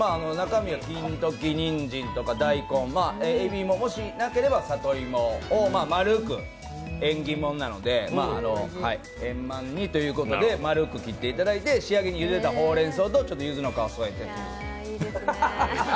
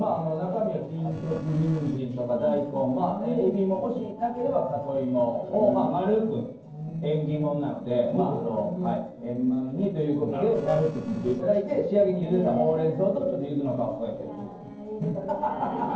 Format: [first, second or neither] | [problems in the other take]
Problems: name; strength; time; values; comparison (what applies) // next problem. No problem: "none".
first | noise reduction (neural separator model SepFormer DNS4)